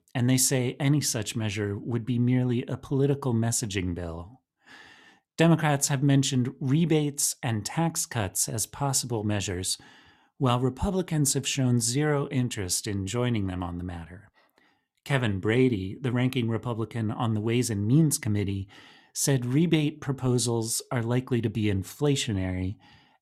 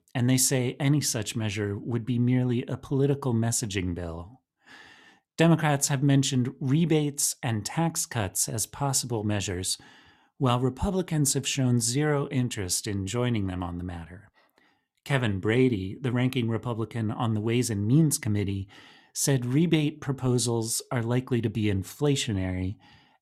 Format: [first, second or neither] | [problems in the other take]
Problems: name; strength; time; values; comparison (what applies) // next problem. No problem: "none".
neither | none